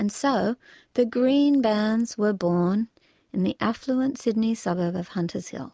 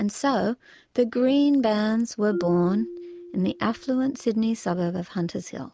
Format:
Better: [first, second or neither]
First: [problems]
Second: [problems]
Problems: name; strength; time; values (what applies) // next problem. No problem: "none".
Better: first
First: none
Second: background sound (Marimba, xylophone); 15 dB below the speech